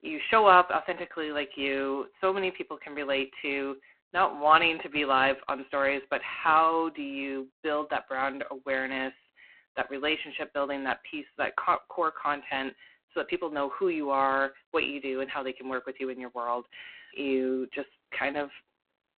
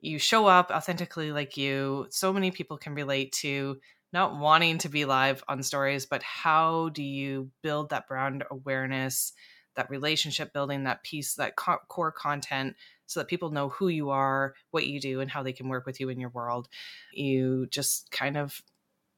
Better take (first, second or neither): second